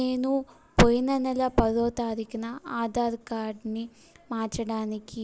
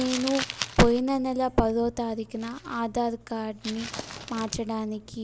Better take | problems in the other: first | background sound (Crumpling, crinkling); 12 dB below the speech

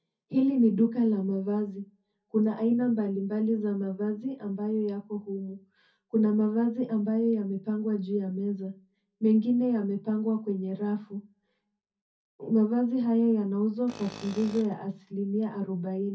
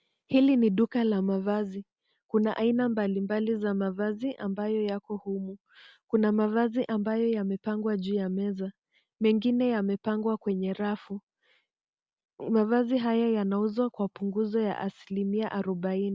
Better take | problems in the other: second | background sound (Tools); 18 dB below the speech // room echo; dies away in 0.3 s

